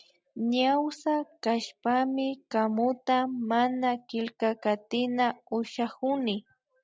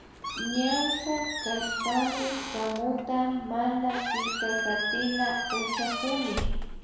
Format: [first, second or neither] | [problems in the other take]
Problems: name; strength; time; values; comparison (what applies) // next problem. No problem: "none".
first | background sound (Squeak); 2 dB below the speech // room echo; dies away in 1.1 s